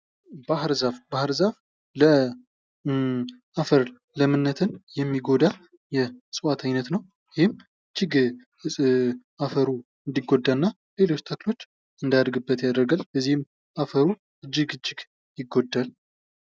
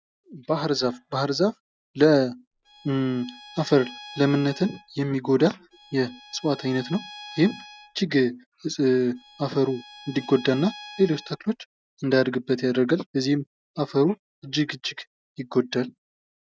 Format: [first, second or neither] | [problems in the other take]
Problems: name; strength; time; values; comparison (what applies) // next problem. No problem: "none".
first | background sound (Bowed string instrument); 19 dB below the speech